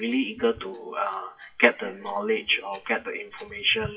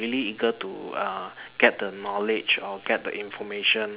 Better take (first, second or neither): second